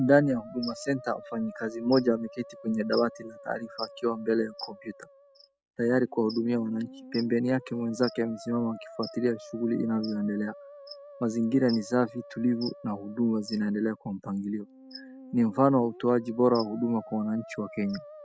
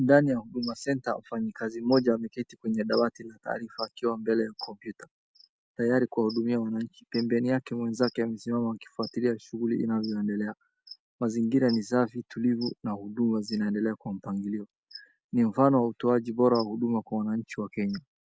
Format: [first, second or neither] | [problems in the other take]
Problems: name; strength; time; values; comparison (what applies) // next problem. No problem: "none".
second | background sound (Musical instrument); 19 dB below the speech